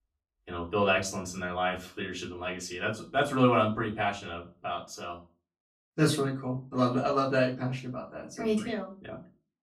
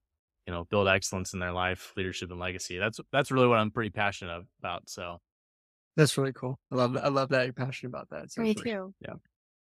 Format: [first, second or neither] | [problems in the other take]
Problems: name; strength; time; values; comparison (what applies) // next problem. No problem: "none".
second | off-mic speech; far // room echo; very slight; dies away in 0.3 s